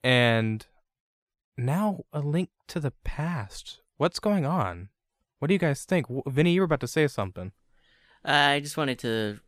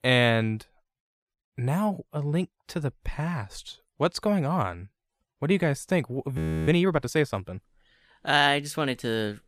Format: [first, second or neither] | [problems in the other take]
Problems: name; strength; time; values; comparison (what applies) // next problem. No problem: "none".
first | audio freezing; at 6.5 s